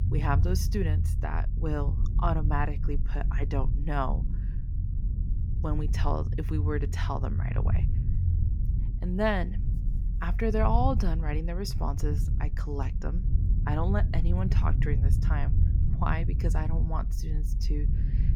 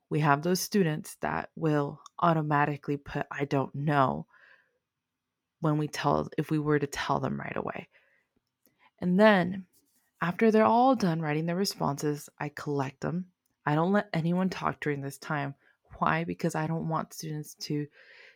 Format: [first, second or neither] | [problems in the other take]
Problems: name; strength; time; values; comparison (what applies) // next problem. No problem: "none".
second | low rumble; noticeable; throughout; 10 dB below the speech